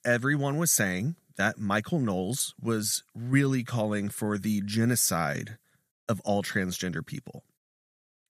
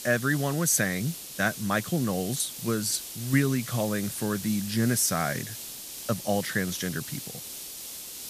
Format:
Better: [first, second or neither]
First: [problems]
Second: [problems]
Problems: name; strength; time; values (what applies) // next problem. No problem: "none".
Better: first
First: none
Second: hiss; loud; throughout; 9 dB below the speech